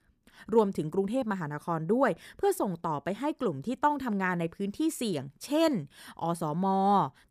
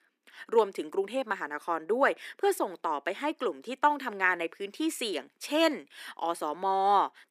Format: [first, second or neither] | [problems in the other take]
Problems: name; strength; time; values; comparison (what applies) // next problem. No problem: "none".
first | thin; somewhat; fading below 300 Hz